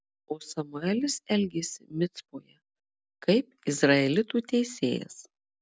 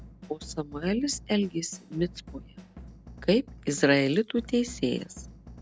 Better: first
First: none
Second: background sound (Drum / Drum kit); 18 dB below the speech

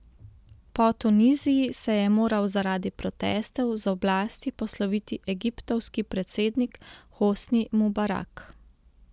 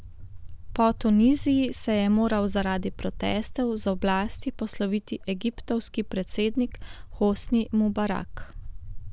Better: first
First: none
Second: background sound (Walk, footsteps); 10 dB below the speech

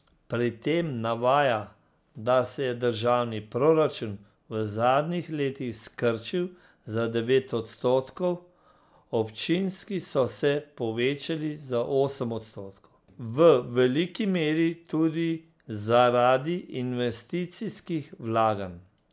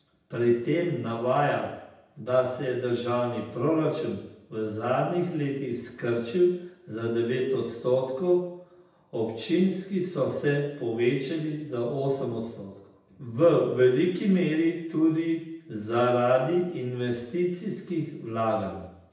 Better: first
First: none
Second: room echo; dies away in 0.8 s

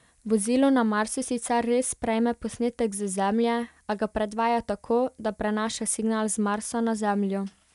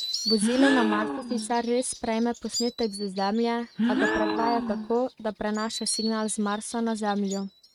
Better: first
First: none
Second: noise reduction (neural mask model RNNoise)

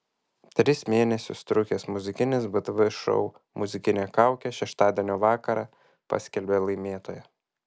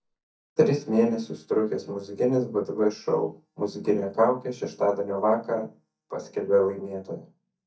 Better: first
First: none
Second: noise reduction (neural mask model DeepFilterNet 3)

